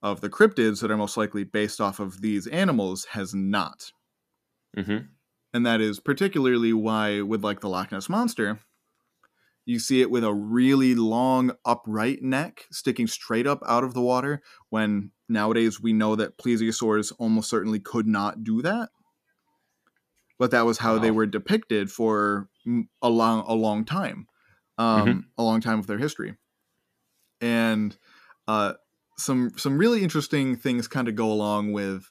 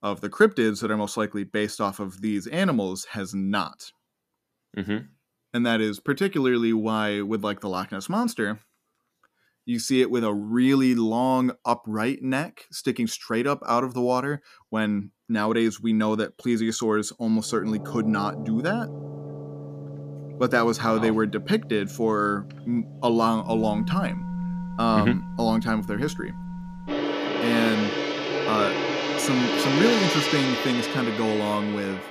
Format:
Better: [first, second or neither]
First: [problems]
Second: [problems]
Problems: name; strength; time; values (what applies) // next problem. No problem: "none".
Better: first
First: none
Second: background music; loud; from 18 s on; 4 dB below the speech